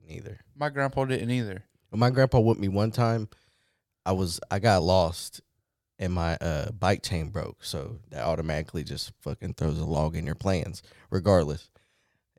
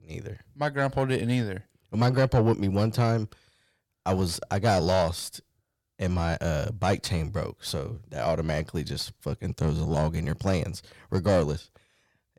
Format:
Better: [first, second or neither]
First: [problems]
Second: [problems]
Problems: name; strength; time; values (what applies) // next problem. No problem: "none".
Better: first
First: none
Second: distortion; slight; 10 dB below the speech